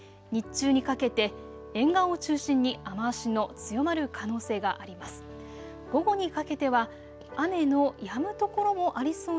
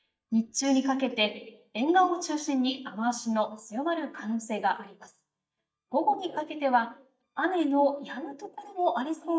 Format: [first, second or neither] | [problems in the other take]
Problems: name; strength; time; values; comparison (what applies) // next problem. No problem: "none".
first | noise reduction (neural mask model DeepFilterNet 3)